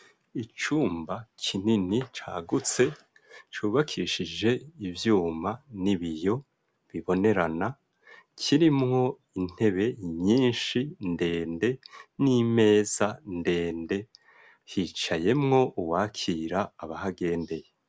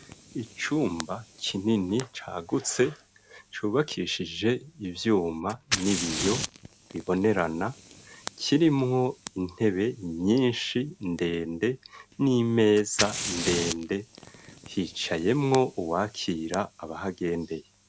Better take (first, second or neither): first